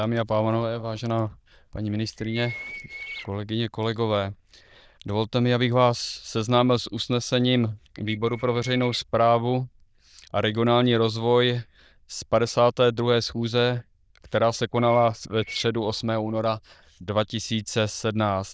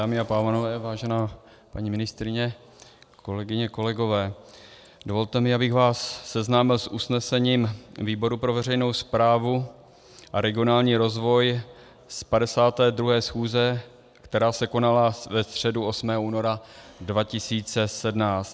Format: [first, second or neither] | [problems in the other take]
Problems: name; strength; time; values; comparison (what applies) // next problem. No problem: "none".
second | noise reduction (neural diffusion model UNIVERSE++)